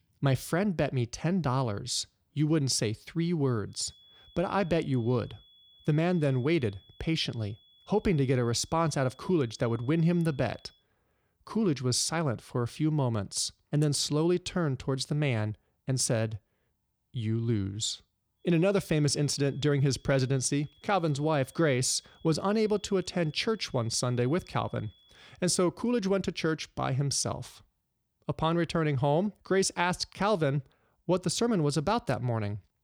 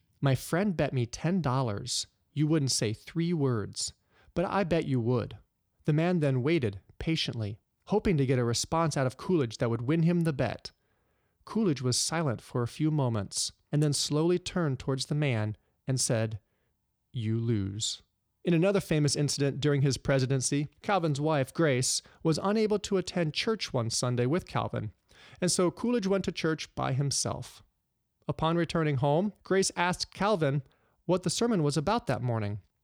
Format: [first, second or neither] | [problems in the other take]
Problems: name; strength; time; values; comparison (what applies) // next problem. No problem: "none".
second | high-pitched whine; faint; from 3.5 to 11 s and from 18 to 25 s; 3.5 kHz, 30 dB below the speech